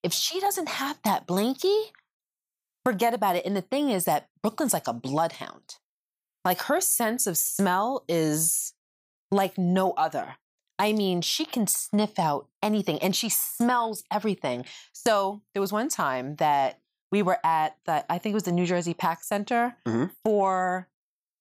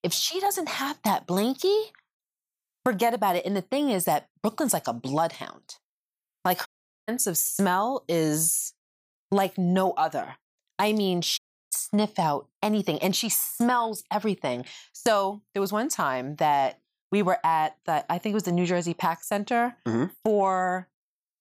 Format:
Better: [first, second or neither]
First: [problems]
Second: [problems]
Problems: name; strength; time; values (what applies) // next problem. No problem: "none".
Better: first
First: none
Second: audio cutting out; at 6.5 s and at 11 s